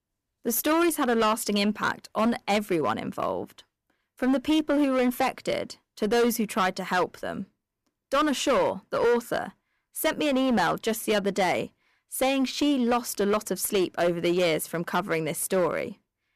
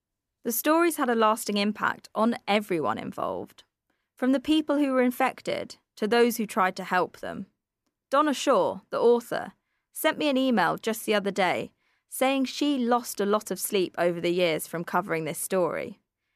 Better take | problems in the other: second | distortion; slight; 9% of the sound clipped

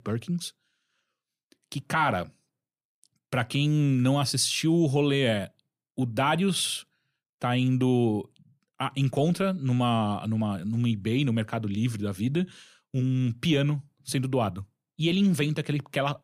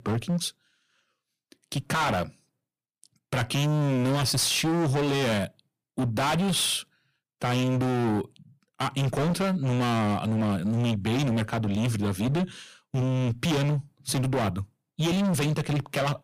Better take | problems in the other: first | distortion; heavy; 27% of the sound clipped

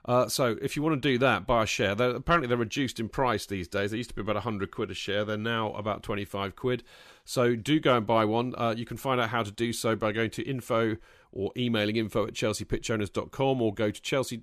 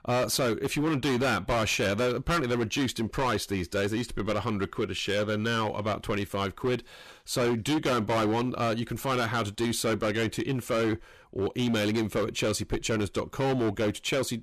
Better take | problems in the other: first | distortion; heavy; 17% of the sound clipped

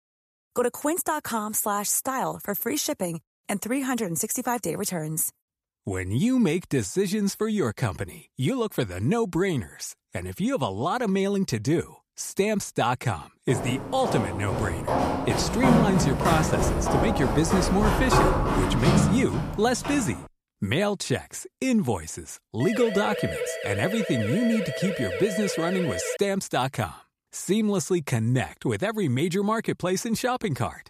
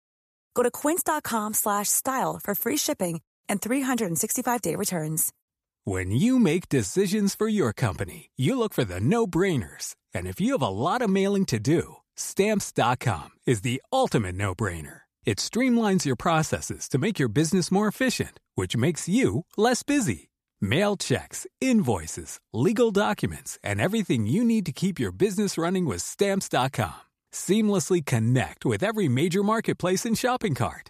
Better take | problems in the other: second | footsteps; loud; from 13 to 20 s; peak 5 dB above the speech // siren; noticeable; from 23 to 26 s; peak 3 dB below the speech

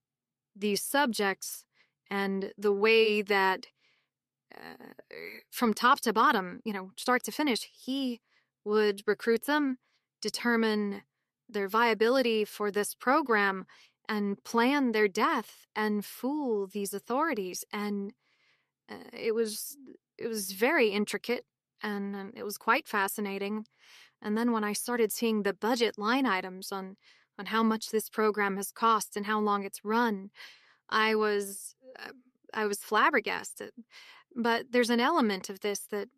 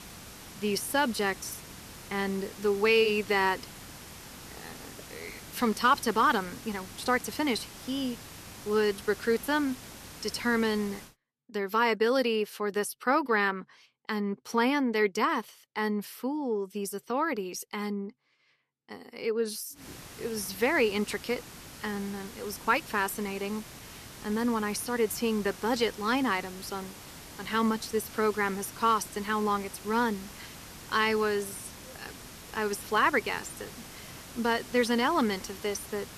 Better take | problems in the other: first | hiss; noticeable; until 11 s and from 20 s on; 15 dB below the speech

